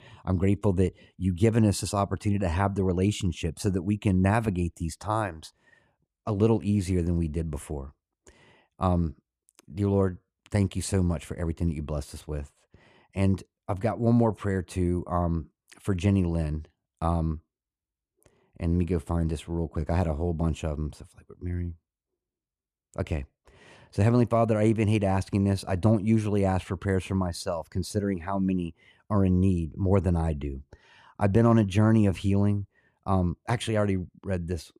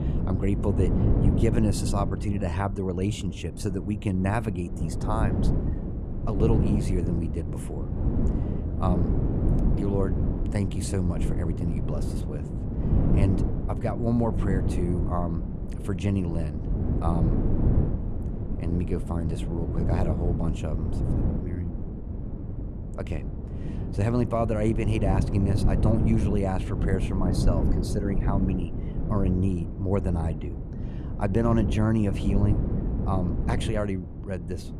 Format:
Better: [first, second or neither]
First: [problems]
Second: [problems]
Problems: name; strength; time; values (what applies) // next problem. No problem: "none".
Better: first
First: none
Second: wind noise on the microphone; heavy; 5 dB below the speech